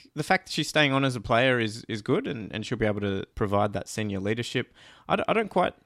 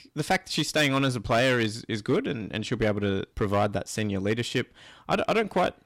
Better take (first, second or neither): first